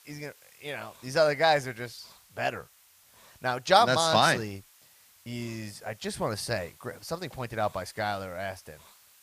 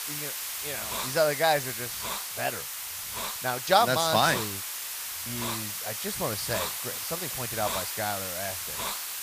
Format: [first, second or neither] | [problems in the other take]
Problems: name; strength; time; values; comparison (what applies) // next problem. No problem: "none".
first | hiss; loud; throughout; 3 dB below the speech; faint in the first